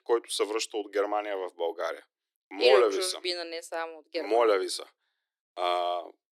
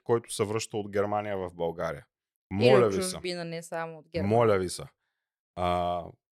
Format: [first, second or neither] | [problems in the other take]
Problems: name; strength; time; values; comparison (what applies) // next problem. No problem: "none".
second | thin; very; fading below 300 Hz